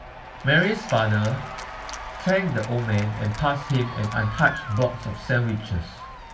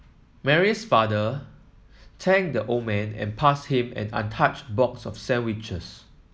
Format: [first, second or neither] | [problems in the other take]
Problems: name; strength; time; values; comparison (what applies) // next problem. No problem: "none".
second | background sound (Applause / Cheering); 13 dB below the speech // room echo; dies away in 0.2 s